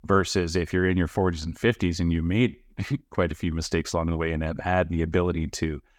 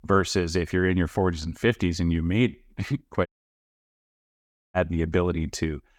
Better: first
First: none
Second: audio cutting out; at 3.5 s for 1.5 s

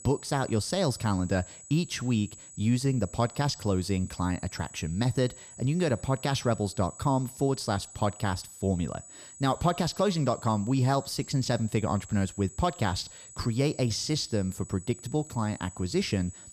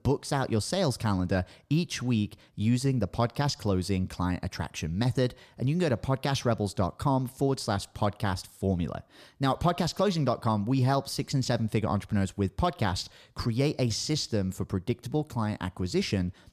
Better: second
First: high-pitched whine; noticeable; throughout; 8 kHz, 15 dB below the speech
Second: none

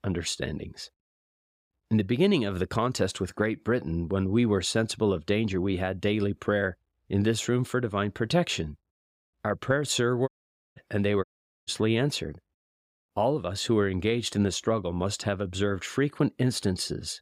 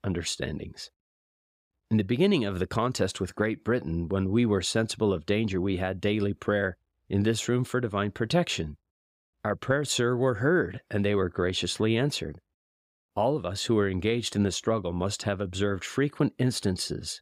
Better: second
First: audio cutting out; at 10 s and at 11 s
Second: none

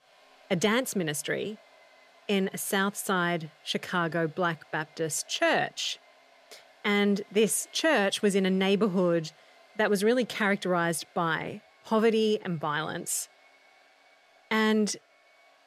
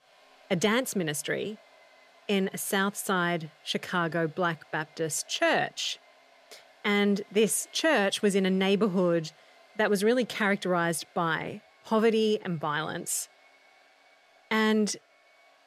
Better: neither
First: household noises; faint; throughout; 30 dB below the speech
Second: household noises; faint; throughout; 30 dB below the speech

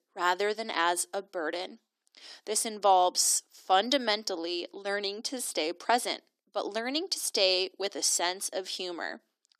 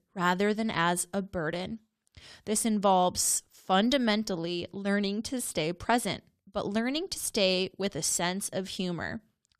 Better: second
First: thin; somewhat; fading below 300 Hz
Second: none

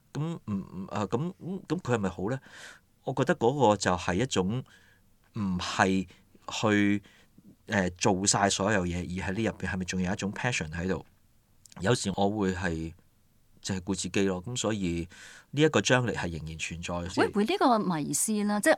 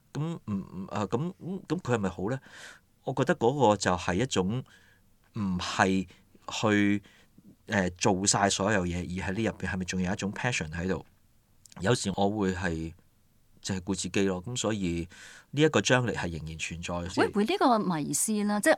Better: neither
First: none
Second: none

